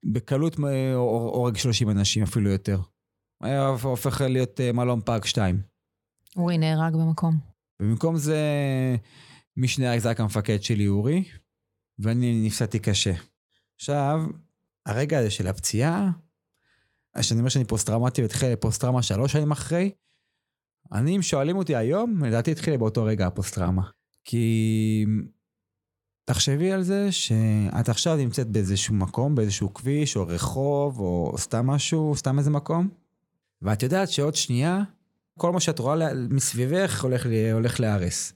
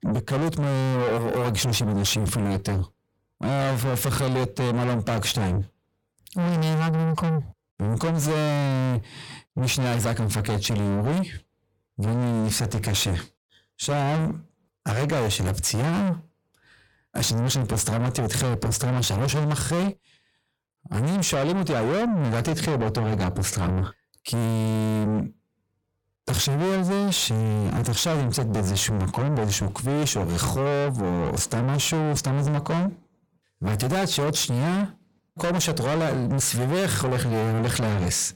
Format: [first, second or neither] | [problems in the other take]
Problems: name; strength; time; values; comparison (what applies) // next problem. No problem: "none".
first | distortion; heavy; 5 dB below the speech